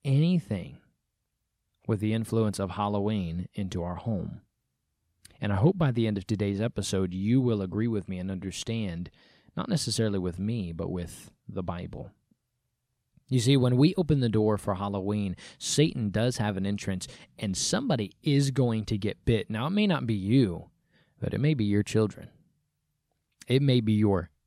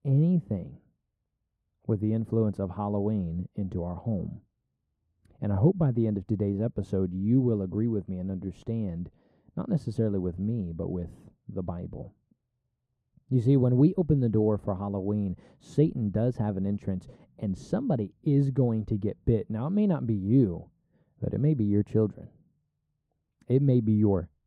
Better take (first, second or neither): first